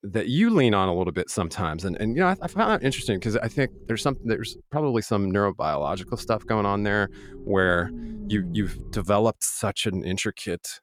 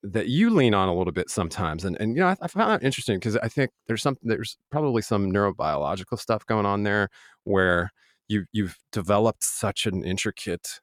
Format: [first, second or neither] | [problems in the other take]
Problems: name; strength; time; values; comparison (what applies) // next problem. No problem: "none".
second | low rumble; faint; from 2 to 4.5 s and from 6 to 9 s; 20 dB below the speech